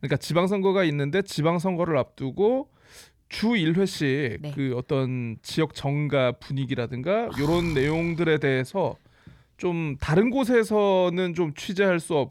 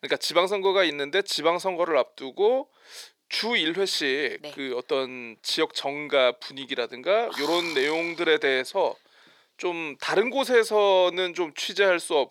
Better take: first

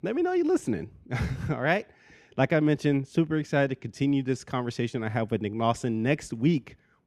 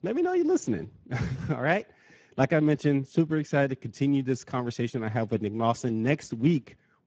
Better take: first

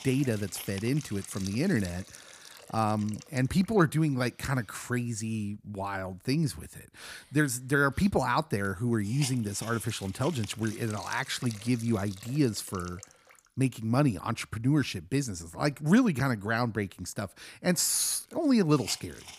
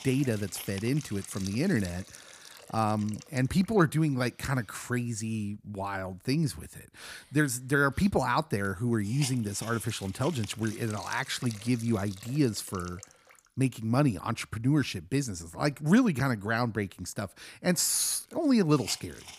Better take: neither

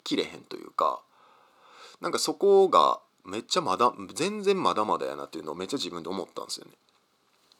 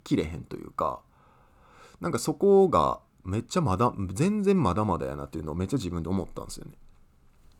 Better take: second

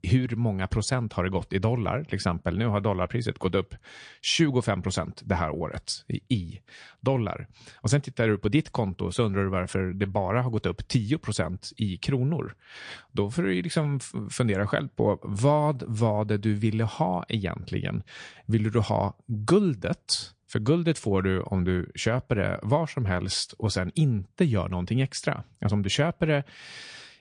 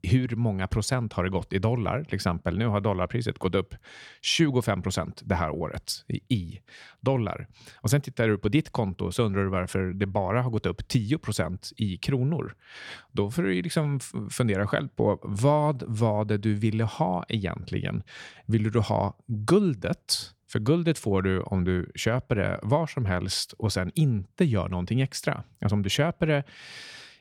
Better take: second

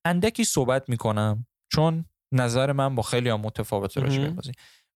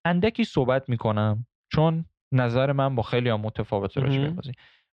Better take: first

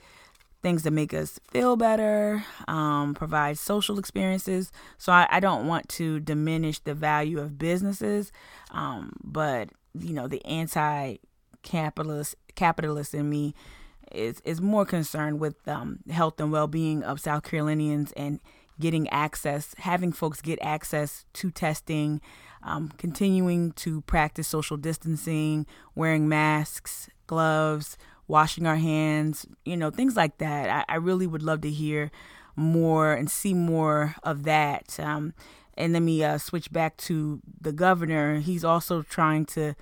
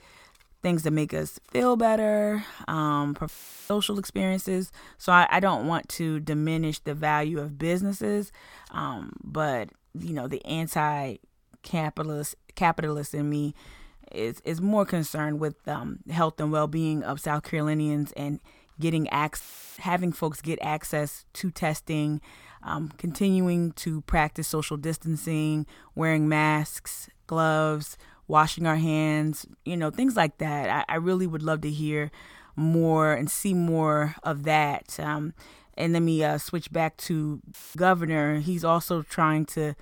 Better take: first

